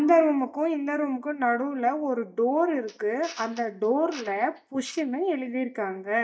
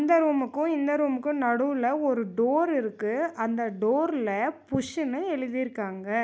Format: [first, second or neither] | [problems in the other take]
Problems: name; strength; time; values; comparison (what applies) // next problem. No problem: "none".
second | noise reduction (neural mask model DeepFilterNet 3)